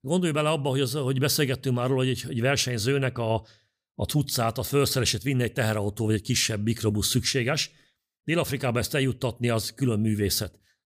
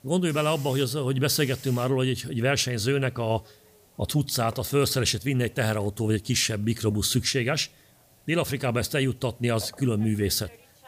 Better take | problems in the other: first | hiss; faint; throughout; 25 dB below the speech

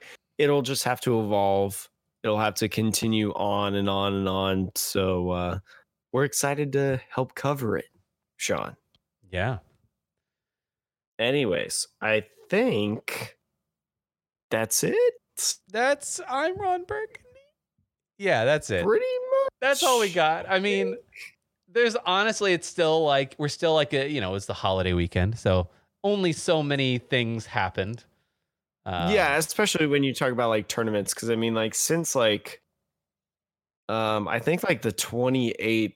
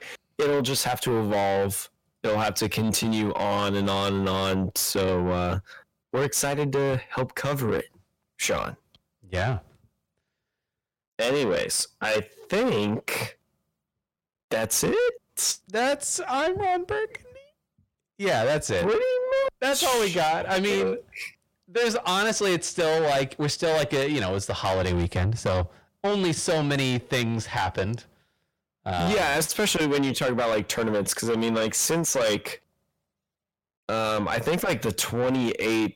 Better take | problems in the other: first | distortion; heavy; 7 dB below the speech

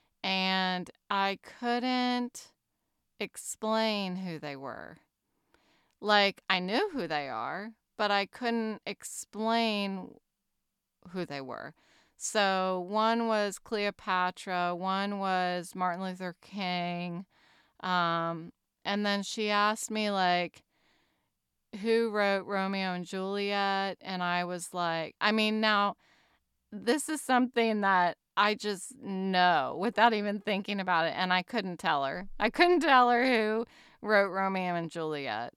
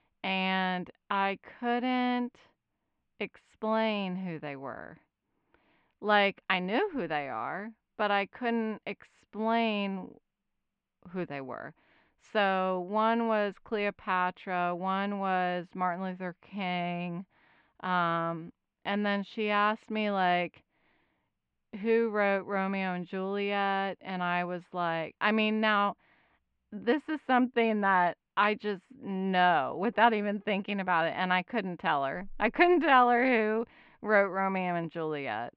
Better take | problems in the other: first | muffled; very; fading above 2.5 kHz

